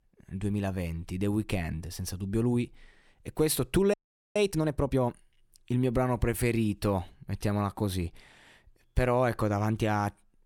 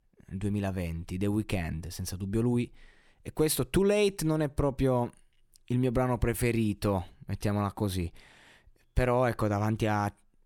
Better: second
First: audio freezing; at 4 s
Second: none

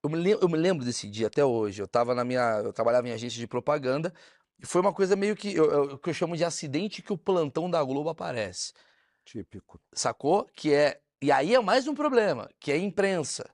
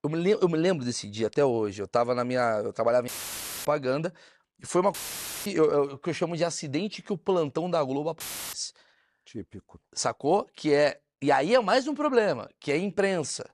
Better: first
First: none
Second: audio cutting out; filled with static; at 3 s for 0.5 s, at 5 s for 0.5 s and at 8 s

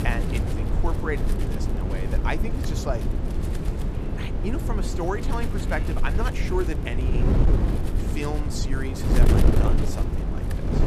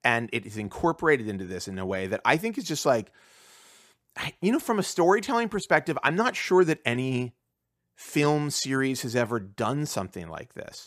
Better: second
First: wind noise on the microphone; heavy; 2 dB below the speech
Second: none

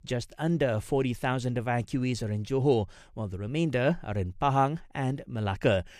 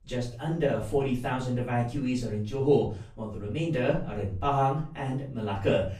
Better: first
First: none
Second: off-mic speech; far // room echo; slight; dies away in 0.4 s

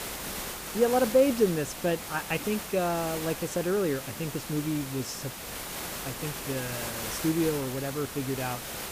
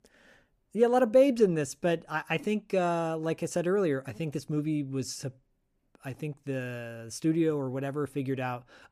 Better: second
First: hiss; loud; throughout; 6 dB below the speech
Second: none

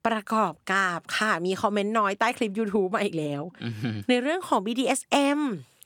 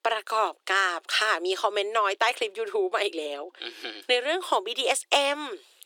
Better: first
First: none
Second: thin; very; fading below 350 Hz

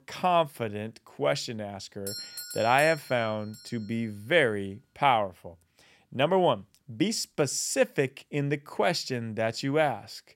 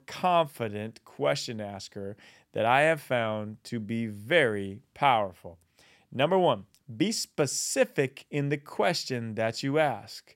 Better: second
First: doorbell; noticeable; from 2 to 3.5 s; peak 8 dB below the speech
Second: none

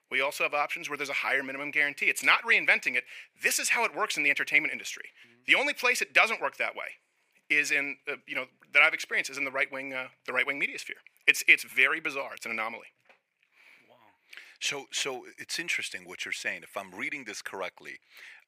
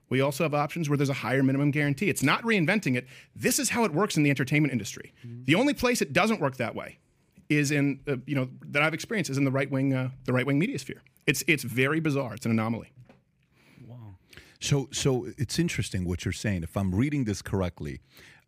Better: second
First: thin; very; fading below 700 Hz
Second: none

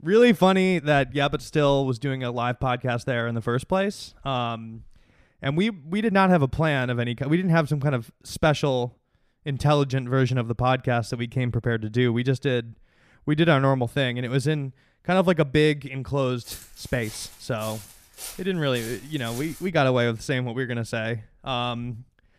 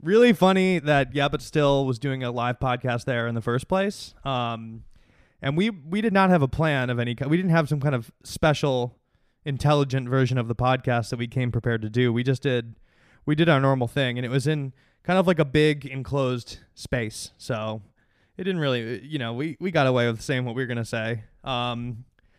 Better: second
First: footsteps; faint; from 16 to 20 s; peak 15 dB below the speech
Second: none

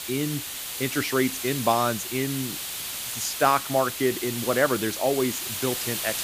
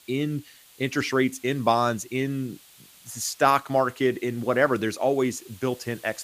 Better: second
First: hiss; loud; throughout; 4 dB below the speech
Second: hiss; faint; throughout; 25 dB below the speech

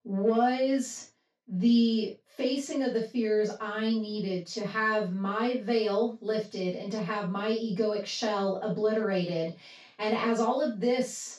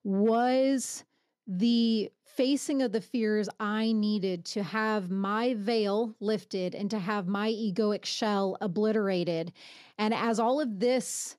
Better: second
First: room echo; noticeable; dies away in 0.2 s // off-mic speech; far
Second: none

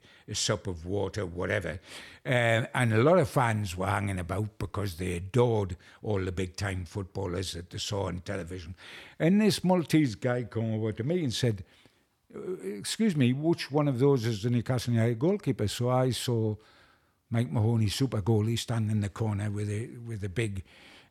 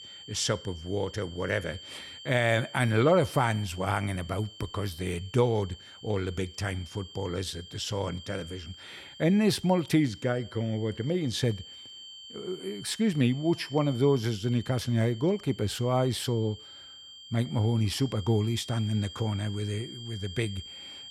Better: first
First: none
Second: high-pitched whine; noticeable; throughout; 3 kHz, 15 dB below the speech

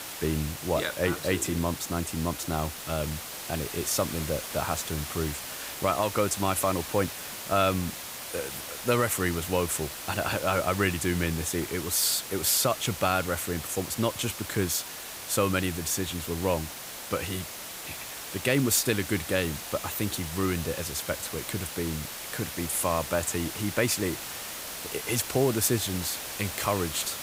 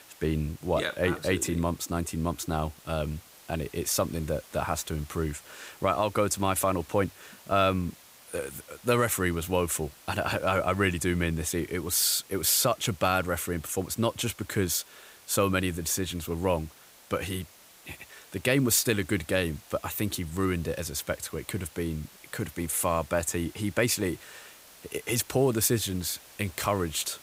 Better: second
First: hiss; loud; throughout; 7 dB below the speech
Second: hiss; faint; throughout; 20 dB below the speech

